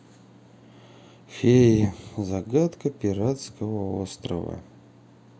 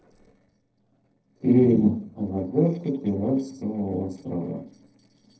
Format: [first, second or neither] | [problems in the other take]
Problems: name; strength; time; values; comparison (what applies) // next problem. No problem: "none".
first | noise reduction (neural separator model SepFormer DNS4)